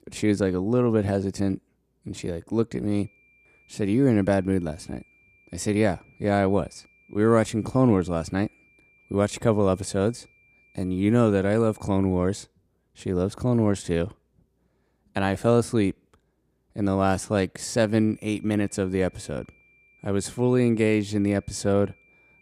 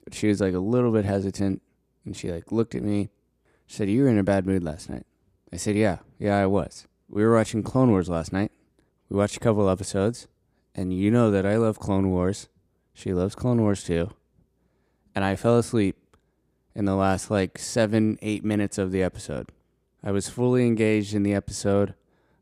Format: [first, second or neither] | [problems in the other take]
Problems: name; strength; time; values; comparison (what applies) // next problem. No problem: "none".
second | high-pitched whine; faint; from 3 to 12 s and from 18 s on; 2.5 kHz, 35 dB below the speech